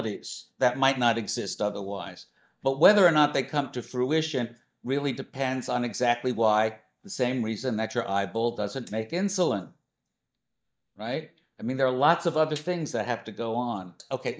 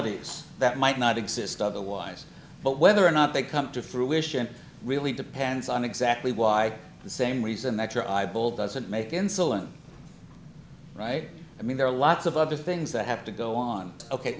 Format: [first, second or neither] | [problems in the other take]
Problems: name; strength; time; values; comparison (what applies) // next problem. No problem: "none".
second | noise reduction (neural mask model DeepFilterNet 3)